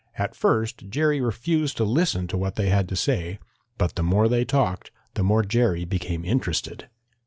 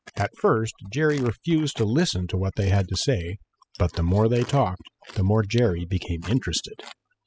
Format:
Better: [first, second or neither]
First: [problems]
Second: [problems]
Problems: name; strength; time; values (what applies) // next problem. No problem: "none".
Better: first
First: none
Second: noise reduction (classical method spectral subtraction)